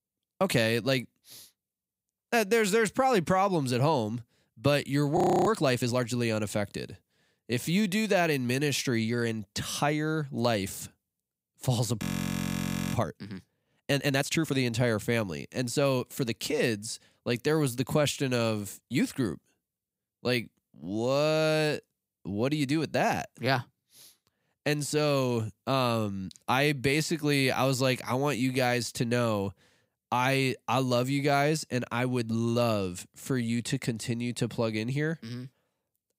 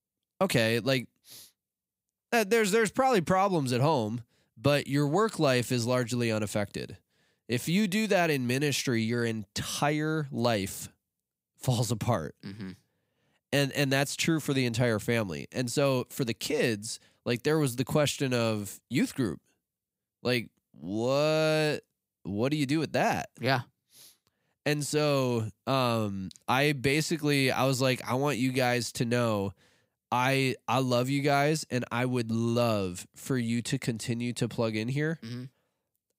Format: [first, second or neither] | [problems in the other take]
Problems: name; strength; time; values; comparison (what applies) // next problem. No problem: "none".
second | audio freezing; at 5 s and at 12 s for 1 s